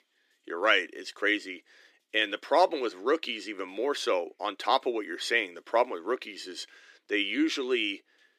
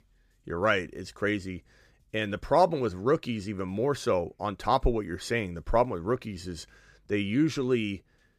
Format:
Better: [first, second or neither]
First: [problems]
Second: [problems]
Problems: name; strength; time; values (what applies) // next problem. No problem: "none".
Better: second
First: thin; somewhat; fading below 300 Hz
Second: none